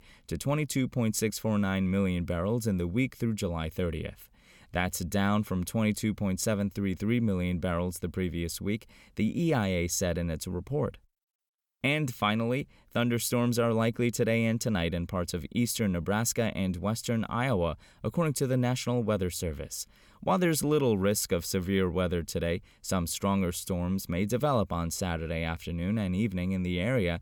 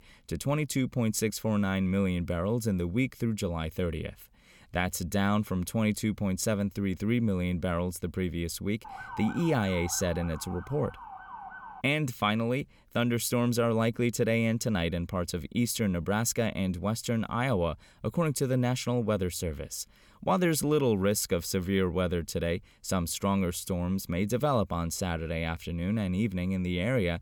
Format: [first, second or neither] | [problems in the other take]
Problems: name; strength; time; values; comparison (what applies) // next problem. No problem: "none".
first | siren; faint; from 9 to 12 s; peak 10 dB below the speech